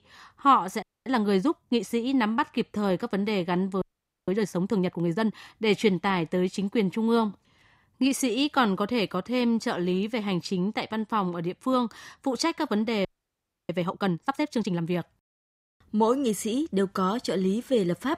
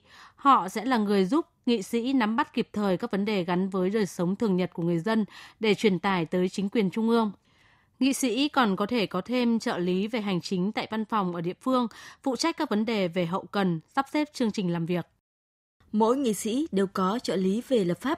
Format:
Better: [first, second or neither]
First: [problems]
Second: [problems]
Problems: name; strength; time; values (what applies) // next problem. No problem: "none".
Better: second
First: audio freezing; at 1 s, at 4 s and at 13 s for 0.5 s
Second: none